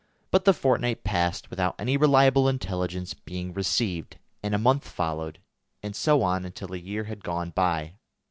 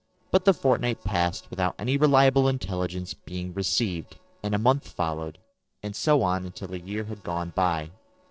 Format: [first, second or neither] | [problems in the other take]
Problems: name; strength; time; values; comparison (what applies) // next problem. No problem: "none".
first | noise reduction (neural separator model SepFormer DNS4)